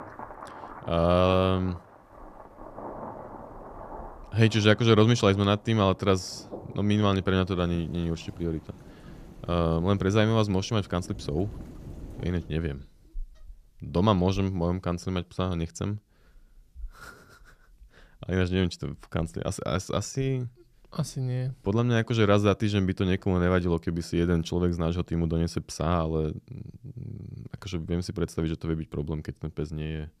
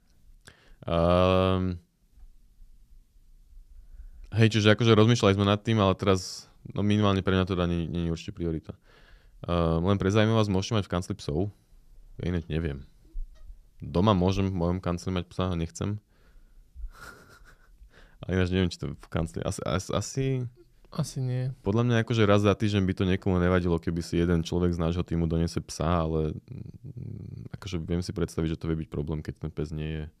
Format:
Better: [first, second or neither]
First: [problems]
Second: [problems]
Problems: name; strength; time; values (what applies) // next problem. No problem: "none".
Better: second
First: rain or running water; noticeable; until 13 s; 20 dB below the speech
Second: none